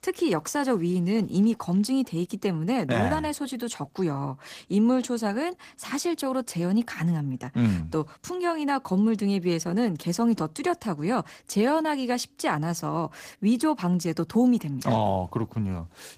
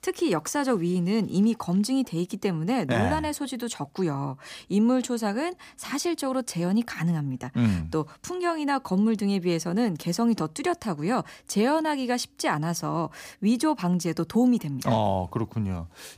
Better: second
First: garbled, watery; slightly; nothing above 15 kHz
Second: none

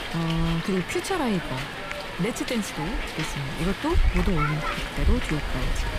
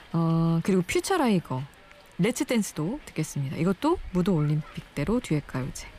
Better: second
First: hiss; loud; throughout; 1 dB below the speech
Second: hiss; faint; throughout; 20 dB below the speech

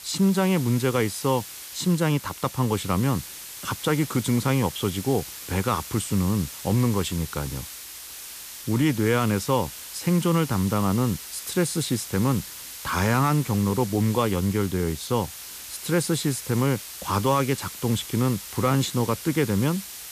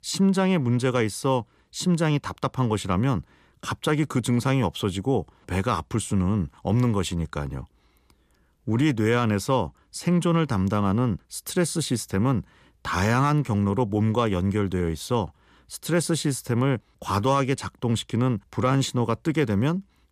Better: second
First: hiss; noticeable; throughout; 10 dB below the speech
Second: none

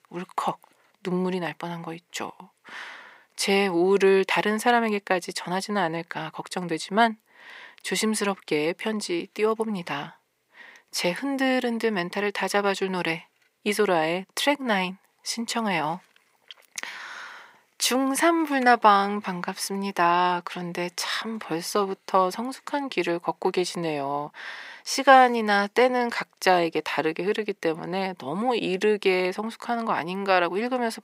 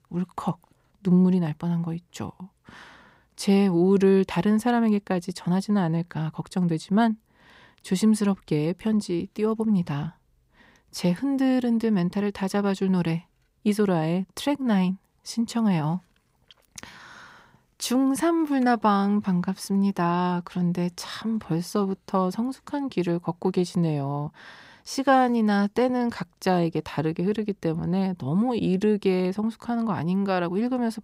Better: second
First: thin; somewhat; fading below 450 Hz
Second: none

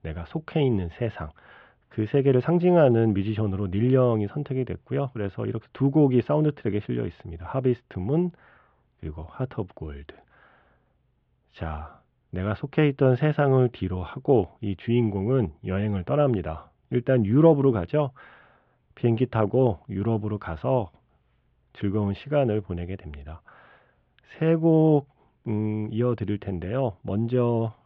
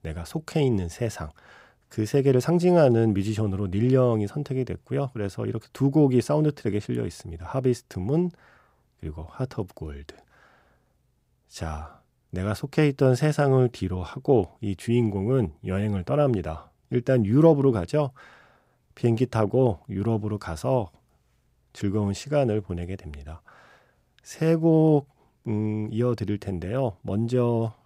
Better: second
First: muffled; very; fading above 3.5 kHz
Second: none

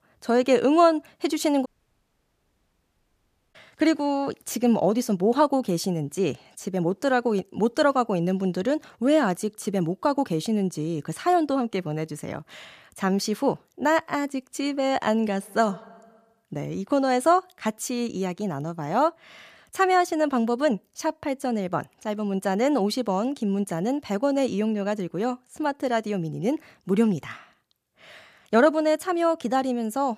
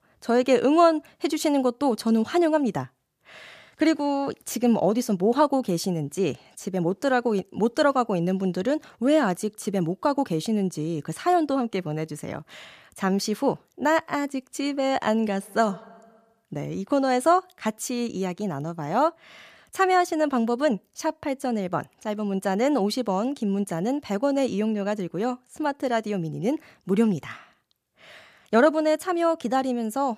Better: second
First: audio cutting out; at 1.5 s for 2 s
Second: none

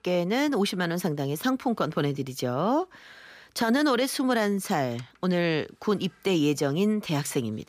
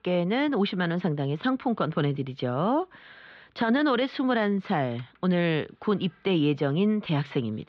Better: first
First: none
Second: muffled; slightly; fading above 3.5 kHz

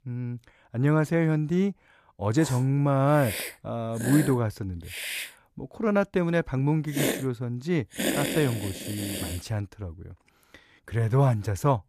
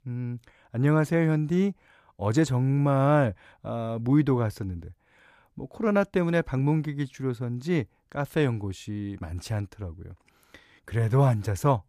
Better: second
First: hiss; loud; from 2.5 to 5.5 s and from 7 to 9.5 s; 6 dB below the speech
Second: none

